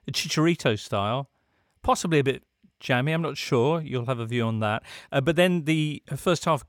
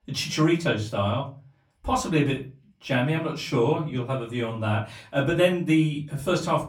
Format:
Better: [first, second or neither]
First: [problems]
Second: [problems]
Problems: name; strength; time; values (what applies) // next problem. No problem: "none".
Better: first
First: none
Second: off-mic speech; far // room echo; very slight; dies away in 0.3 s